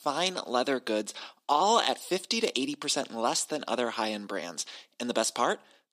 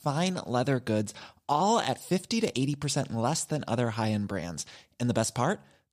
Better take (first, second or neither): second